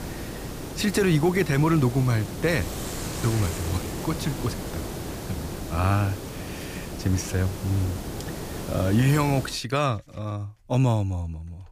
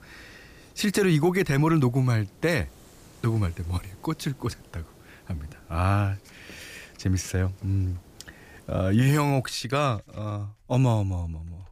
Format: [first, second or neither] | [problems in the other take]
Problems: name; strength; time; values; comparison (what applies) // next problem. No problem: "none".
second | hiss; loud; until 9.5 s; 8 dB below the speech; faint in the second